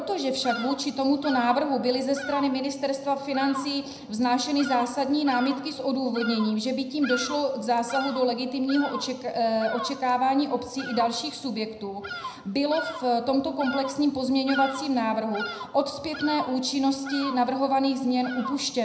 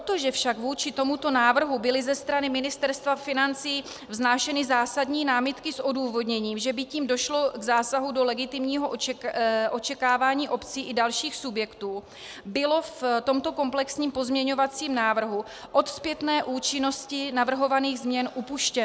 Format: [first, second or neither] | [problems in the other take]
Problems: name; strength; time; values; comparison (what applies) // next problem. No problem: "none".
second | background sound (Bird vocalization, bird call, bird song); 13 dB below the speech // room echo; dies away in 0.8 s